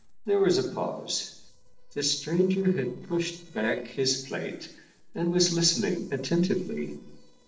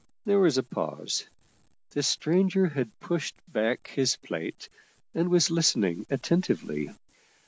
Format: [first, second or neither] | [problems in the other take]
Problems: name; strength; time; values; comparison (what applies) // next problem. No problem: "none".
second | noise reduction (neural separator model SepFormer DNS4)